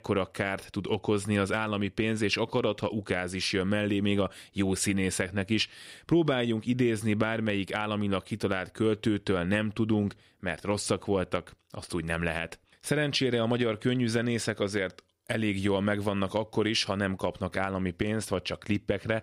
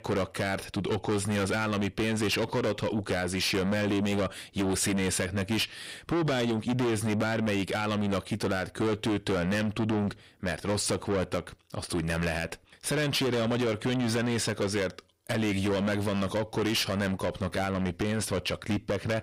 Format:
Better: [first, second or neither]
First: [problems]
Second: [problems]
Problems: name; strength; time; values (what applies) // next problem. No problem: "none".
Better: first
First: none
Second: distortion; heavy; 7 dB below the speech